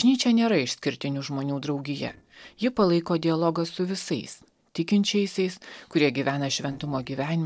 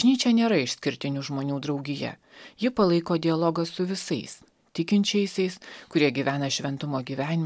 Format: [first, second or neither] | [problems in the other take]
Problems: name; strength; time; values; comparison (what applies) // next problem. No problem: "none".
second | noise reduction (neural separator model SepFormer DNS4)